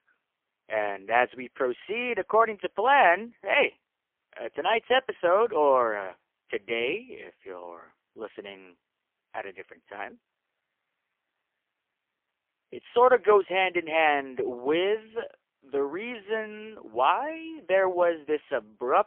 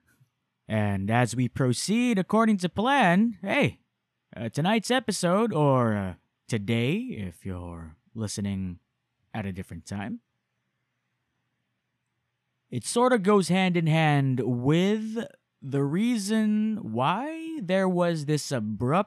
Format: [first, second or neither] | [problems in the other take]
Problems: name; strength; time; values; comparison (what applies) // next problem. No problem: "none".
second | phone-call audio; poor line; nothing above 3 kHz